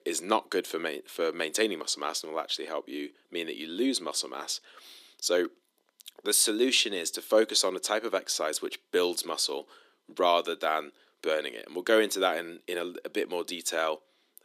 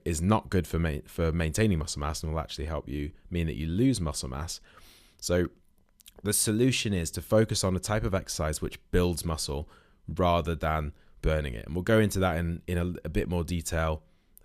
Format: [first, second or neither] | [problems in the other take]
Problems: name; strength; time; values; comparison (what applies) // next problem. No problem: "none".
second | thin; somewhat; fading below 300 Hz